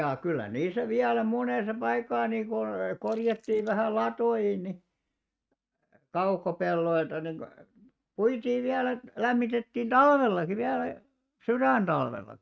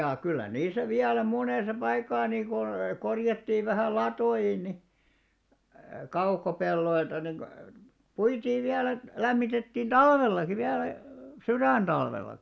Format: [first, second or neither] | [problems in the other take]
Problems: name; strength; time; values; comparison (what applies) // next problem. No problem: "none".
second | noise reduction (neural mask model RNNoise)